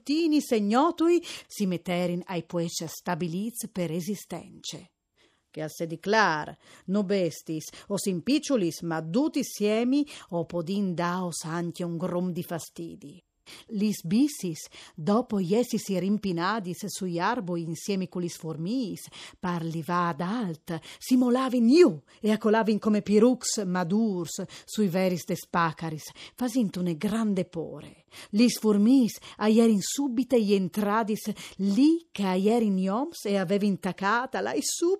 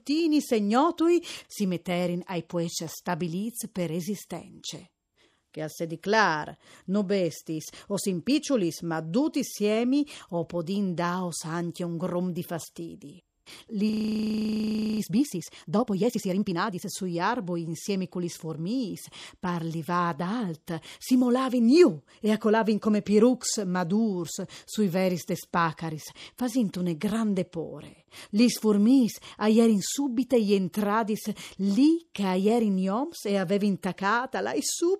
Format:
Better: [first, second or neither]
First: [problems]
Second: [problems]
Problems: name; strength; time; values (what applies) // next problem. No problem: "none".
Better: first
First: none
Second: audio freezing; at 14 s for 1 s